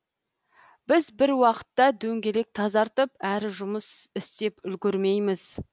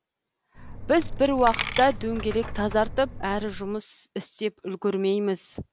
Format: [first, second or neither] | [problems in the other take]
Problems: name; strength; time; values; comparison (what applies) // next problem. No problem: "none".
first | background sound (Coin (dropping)); 7 dB below the speech